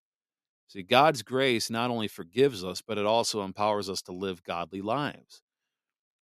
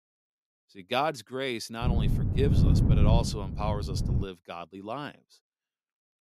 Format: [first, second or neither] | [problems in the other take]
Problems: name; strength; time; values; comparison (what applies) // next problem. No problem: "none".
first | wind noise on the microphone; faint; from 2 to 4 s; 4 dB below the speech